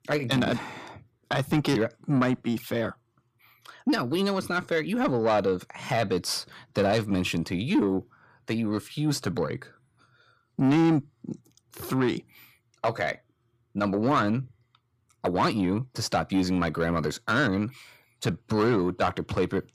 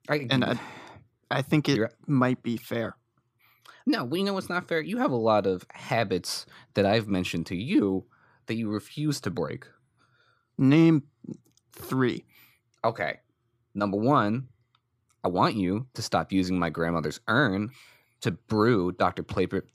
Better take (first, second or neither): second